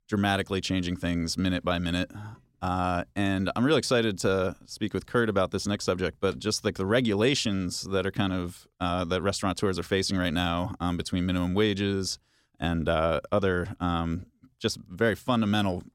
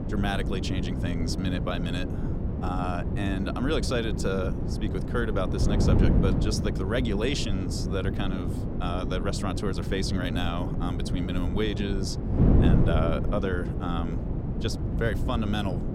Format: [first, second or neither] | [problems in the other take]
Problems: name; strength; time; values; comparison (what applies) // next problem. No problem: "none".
first | wind noise on the microphone; heavy; 4 dB below the speech